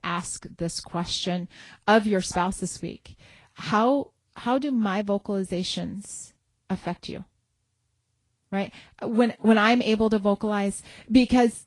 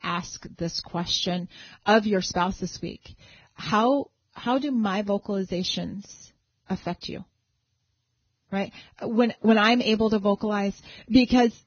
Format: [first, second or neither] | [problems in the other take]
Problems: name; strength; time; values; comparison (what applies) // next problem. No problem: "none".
first | garbled, watery; badly; nothing above 6.5 kHz; slightly in the first